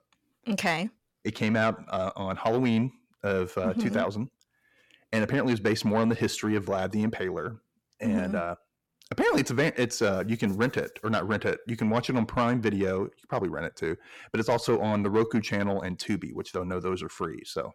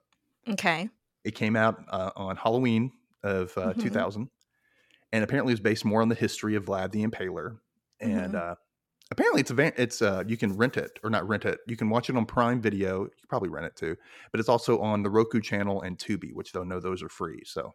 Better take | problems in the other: second | distortion; slight; 10 dB below the speech

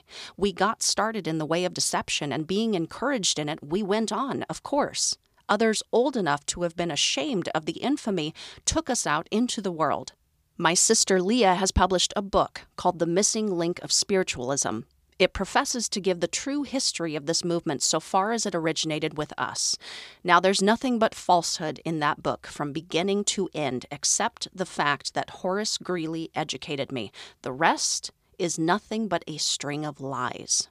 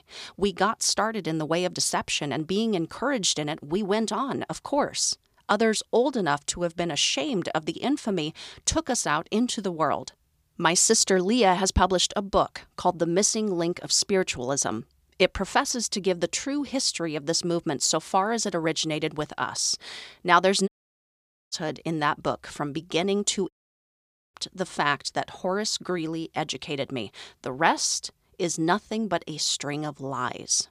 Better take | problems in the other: first | audio cutting out; at 21 s for 1 s and at 24 s for 1 s

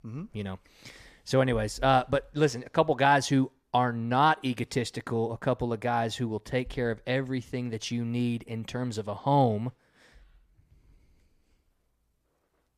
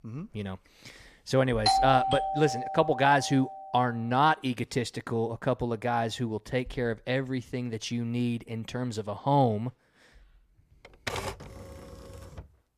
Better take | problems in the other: first | doorbell; loud; from 1.5 to 3.5 s; peak 4 dB above the speech // keyboard typing; noticeable; from 11 s on; peak 6 dB below the speech

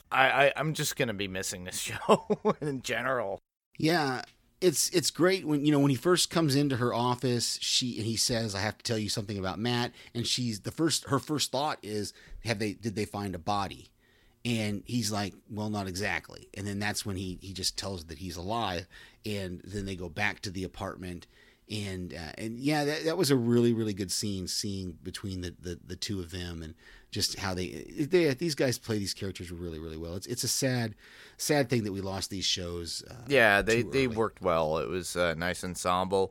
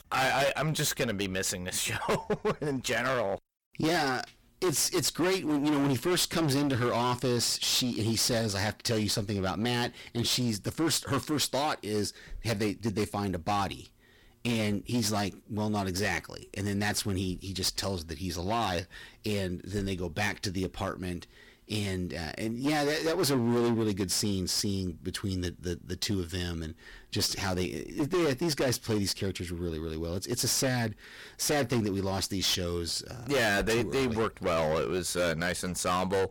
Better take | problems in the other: first | distortion; heavy; 15% of the sound clipped

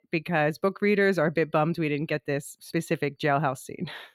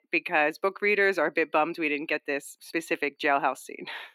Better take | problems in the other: first | thin; somewhat; fading below 300 Hz

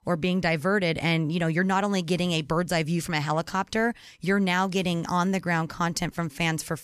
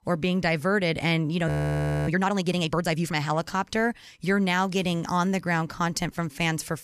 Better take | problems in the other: first | audio freezing; at 1.5 s for 0.5 s

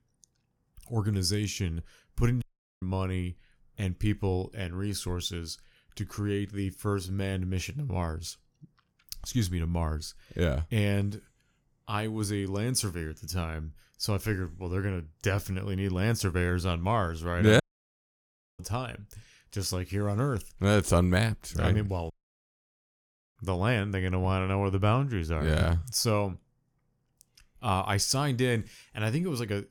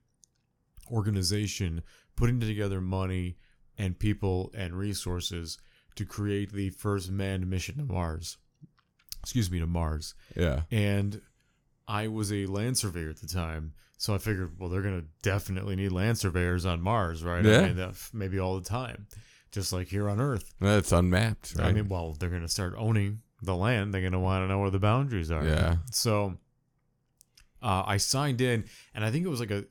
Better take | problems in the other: second | audio cutting out; at 2.5 s, at 18 s for 1 s and at 22 s for 1.5 s

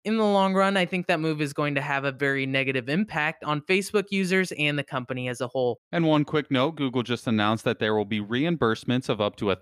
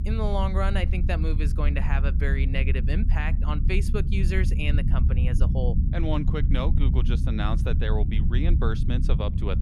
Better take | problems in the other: first | low rumble; loud; throughout; 7 dB below the speech

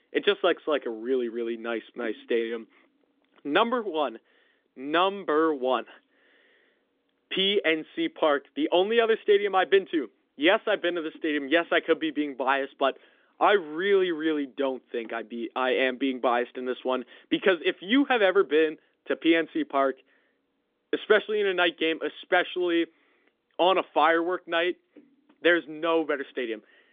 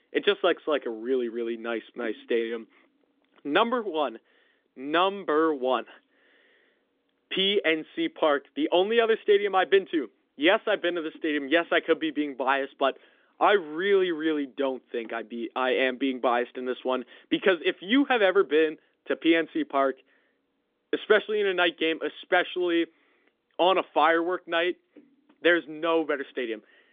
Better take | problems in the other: neither | phone-call audio; nothing above 3.5 kHz; the same in both

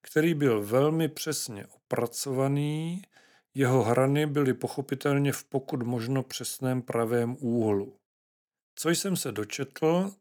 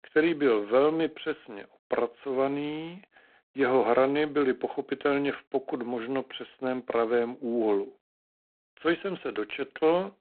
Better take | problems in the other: first | phone-call audio; poor line

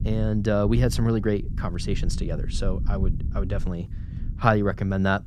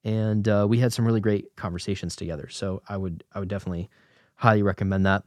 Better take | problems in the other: second | low rumble; noticeable; throughout; 20 dB below the speech

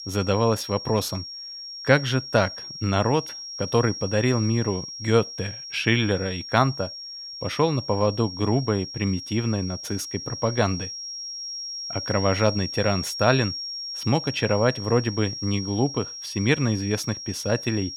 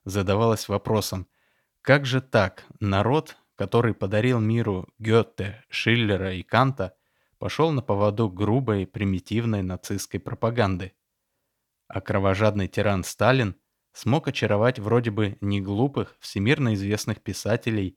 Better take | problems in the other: second | high-pitched whine; loud; throughout; 5.5 kHz, 8 dB below the speech

